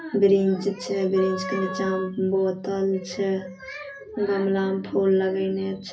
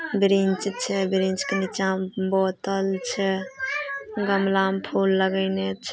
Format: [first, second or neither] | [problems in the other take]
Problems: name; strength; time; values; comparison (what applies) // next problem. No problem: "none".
second | background sound (Wind instrument, woodwind instrument); 12 dB below the speech // room echo; dies away in 0.4 s